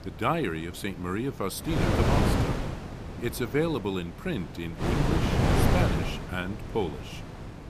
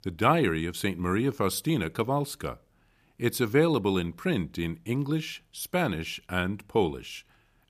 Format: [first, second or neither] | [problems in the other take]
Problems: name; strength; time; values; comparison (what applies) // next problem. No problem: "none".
second | wind noise on the microphone; heavy; 1 dB above the speech